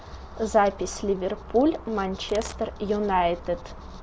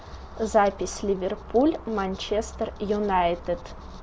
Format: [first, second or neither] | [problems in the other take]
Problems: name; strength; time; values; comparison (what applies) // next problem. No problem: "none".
second | background sound (Domestic sounds, home sounds); 16 dB below the speech